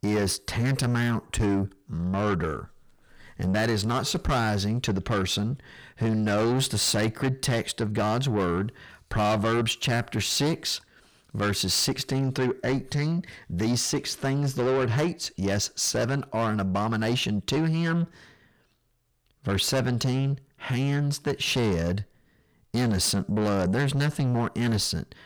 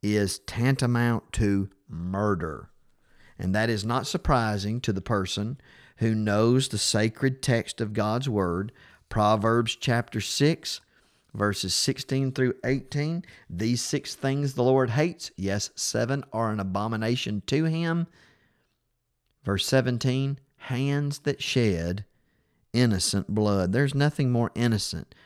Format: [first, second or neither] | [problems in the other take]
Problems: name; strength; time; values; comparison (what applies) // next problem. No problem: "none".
second | distortion; heavy; 7 dB below the speech